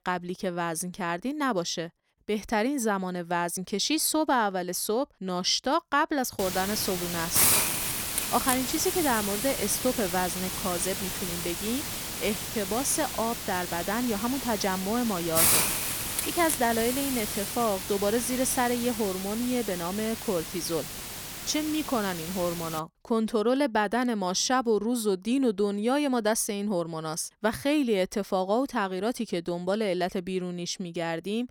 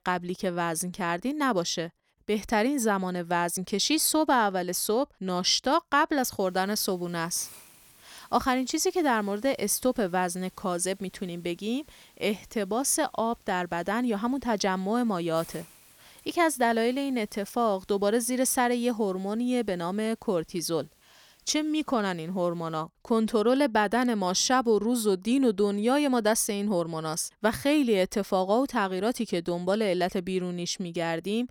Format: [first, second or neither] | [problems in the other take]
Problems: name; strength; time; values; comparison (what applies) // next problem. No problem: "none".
second | hiss; loud; from 6.5 to 23 s; 1 dB below the speech; faint in the second